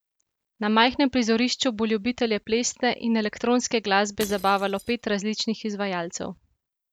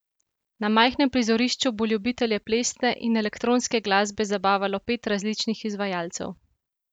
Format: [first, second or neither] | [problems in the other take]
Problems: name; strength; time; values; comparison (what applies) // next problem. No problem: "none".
second | background sound (Shatter / Crushing); 19 dB below the speech